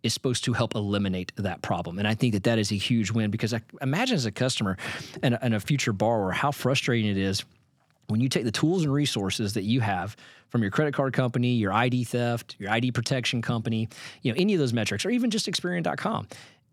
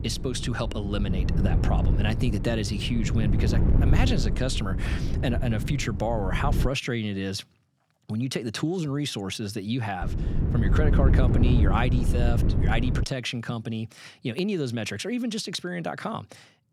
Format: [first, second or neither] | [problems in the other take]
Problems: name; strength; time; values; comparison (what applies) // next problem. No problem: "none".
first | wind noise on the microphone; heavy; until 6.5 s and from 10 to 13 s; 6 dB below the speech